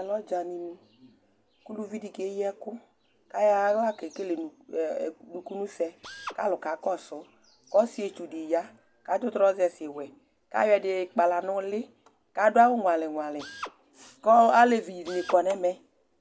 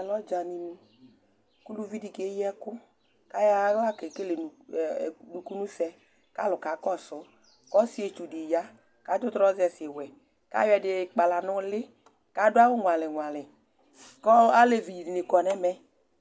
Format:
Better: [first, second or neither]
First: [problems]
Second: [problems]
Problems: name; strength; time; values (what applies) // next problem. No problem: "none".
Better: second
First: background sound (Drill); 15 dB below the speech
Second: none